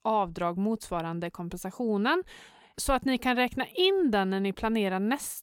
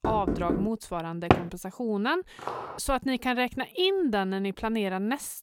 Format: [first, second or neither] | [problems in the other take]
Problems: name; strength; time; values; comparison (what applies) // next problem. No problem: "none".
first | door banging; noticeable; at the start; peak level with the speech // door banging; loud; at 1.5 s; peak 4 dB above the speech // footsteps; noticeable; at 2.5 s; peak 7 dB below the speech